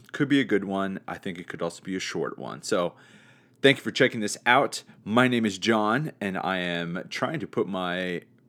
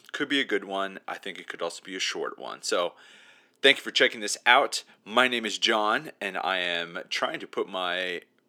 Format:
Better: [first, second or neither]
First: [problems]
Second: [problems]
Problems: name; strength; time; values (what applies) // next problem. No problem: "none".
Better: first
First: none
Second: thin; somewhat; fading below 450 Hz